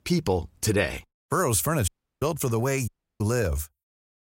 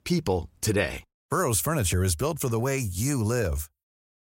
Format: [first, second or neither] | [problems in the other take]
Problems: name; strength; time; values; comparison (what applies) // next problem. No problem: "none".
second | audio cutting out; at 2 s and at 3 s